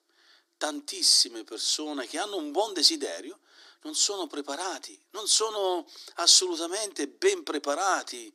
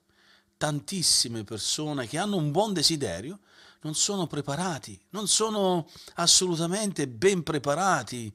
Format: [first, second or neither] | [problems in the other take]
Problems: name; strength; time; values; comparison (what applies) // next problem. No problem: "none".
second | thin; somewhat; fading below 300 Hz